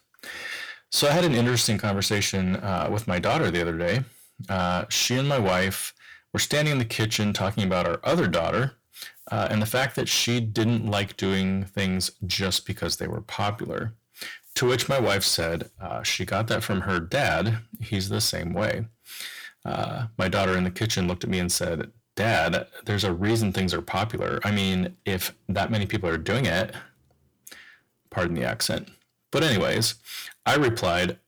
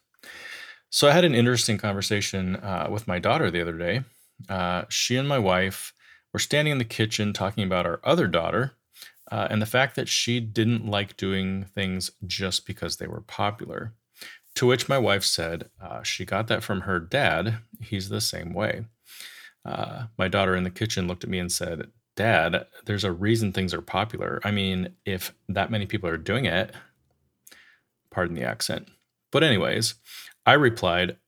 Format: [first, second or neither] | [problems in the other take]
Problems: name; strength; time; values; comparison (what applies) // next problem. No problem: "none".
second | distortion; heavy; 7 dB below the speech